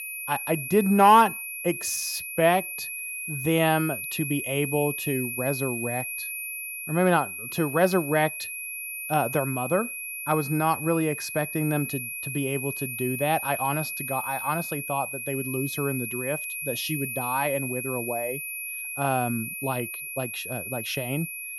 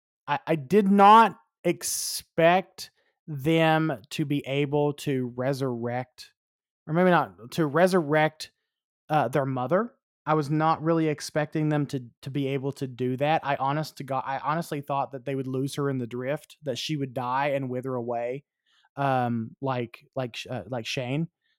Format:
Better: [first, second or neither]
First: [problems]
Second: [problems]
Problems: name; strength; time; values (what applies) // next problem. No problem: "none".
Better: second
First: high-pitched whine; loud; throughout; 2.5 kHz, 5 dB below the speech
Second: none